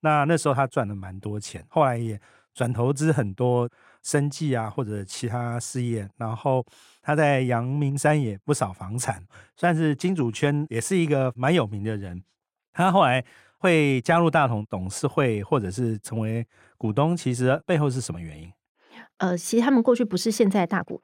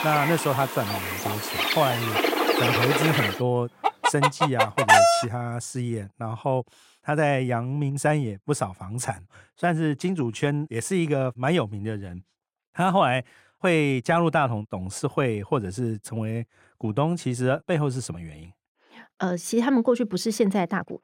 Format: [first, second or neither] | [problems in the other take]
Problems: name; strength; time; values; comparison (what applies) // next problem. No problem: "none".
first | animal sounds; very loud; until 4.5 s; 3 dB above the speech